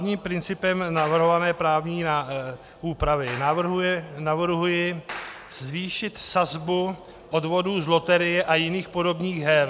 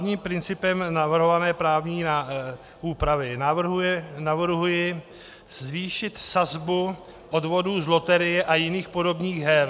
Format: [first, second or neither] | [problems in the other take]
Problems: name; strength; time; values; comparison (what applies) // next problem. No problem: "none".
second | background sound (Clapping); 18 dB below the speech